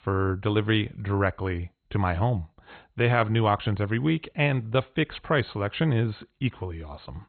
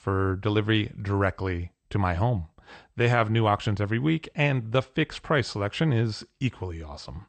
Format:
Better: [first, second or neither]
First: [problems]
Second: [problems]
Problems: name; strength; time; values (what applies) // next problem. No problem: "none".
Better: second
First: garbled, watery; badly; nothing above 3.5 kHz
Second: garbled, watery; slightly; nothing above 8 kHz